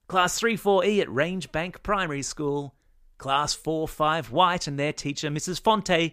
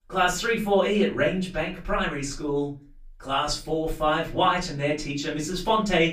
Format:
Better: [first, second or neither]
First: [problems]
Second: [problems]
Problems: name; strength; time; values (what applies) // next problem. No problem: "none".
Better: first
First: none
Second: room echo; slight; dies away in 0.3 s // off-mic speech; far